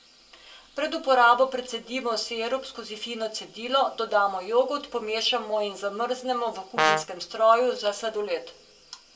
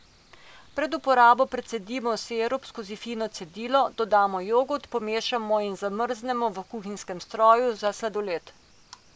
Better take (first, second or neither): second